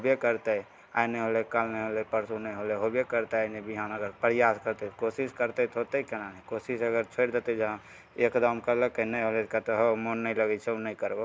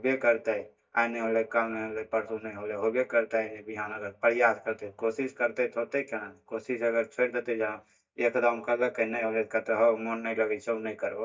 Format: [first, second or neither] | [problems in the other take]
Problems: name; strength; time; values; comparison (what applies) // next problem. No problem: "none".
first | noise reduction (neural mask model DeepFilterNet 3)